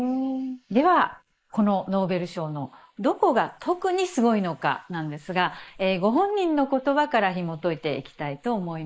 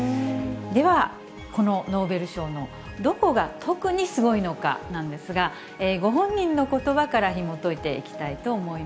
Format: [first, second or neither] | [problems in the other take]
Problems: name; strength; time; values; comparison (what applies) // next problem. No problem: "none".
second | noise reduction (neural mask model Resemble Enhance denoiser)